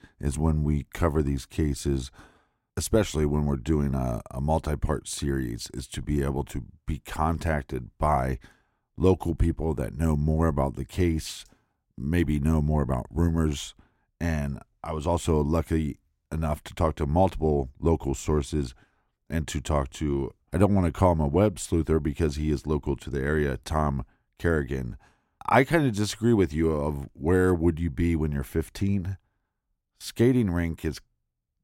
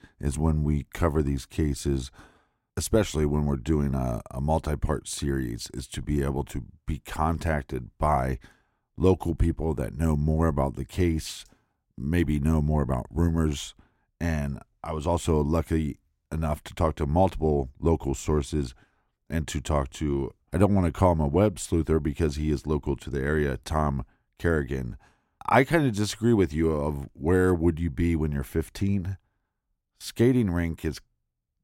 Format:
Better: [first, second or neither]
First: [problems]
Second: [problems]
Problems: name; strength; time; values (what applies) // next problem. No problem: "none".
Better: neither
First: none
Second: none